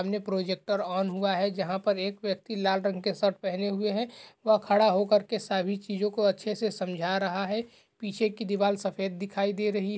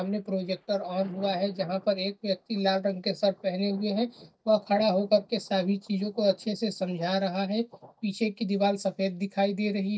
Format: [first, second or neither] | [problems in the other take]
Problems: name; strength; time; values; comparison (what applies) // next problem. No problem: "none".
first | noise reduction (neural mask model DeepFilterNet 3)